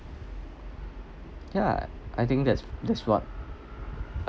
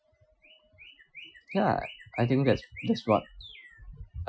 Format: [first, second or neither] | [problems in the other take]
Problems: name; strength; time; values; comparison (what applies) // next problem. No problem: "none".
first | noise reduction (classical method Wiener filter)